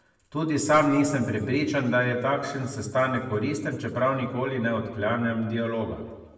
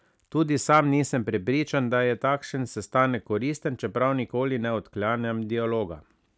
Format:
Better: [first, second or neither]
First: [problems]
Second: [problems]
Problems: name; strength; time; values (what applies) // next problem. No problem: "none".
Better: second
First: room echo; dies away in 1.2 s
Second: none